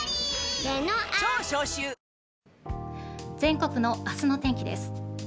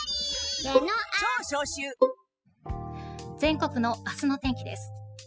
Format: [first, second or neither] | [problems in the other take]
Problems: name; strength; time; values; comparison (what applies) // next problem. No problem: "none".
first | noise reduction (classical method spectral subtraction)